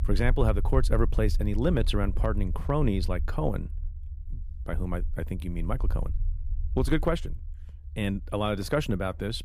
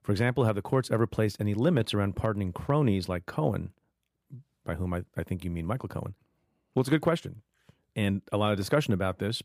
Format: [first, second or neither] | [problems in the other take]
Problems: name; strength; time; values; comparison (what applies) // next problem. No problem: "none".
second | low rumble; faint; throughout; 20 dB below the speech